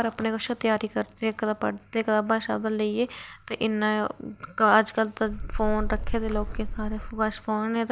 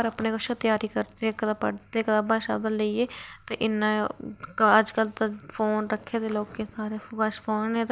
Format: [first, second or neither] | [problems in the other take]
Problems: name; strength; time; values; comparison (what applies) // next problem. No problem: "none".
second | background sound (Wind); 3 dB below the speech